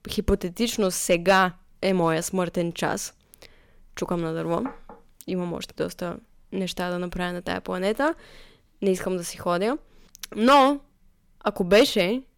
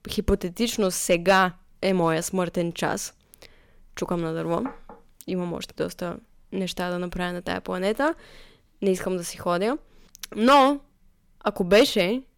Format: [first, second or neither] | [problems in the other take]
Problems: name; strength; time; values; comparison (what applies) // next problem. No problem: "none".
neither | distortion; slight; 0.9% of the sound clipped; the same in both